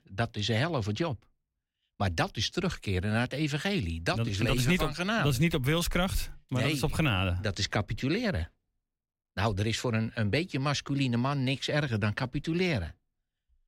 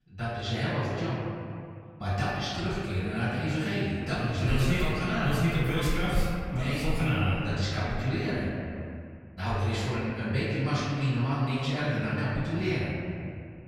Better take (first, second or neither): first